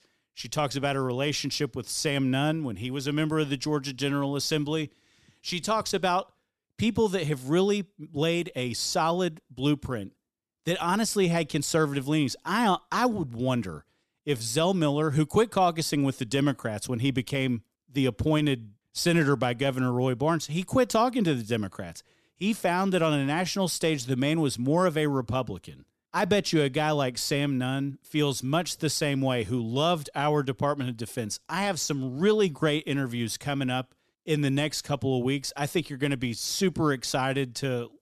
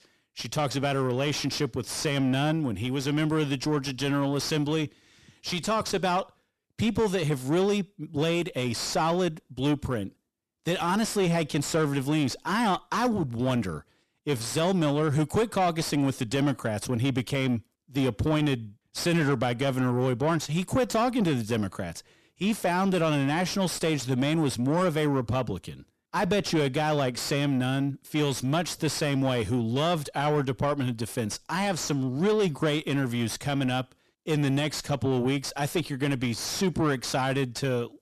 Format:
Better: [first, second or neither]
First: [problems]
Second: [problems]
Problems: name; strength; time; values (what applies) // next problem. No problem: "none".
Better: first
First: none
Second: distortion; slight; 10 dB below the speech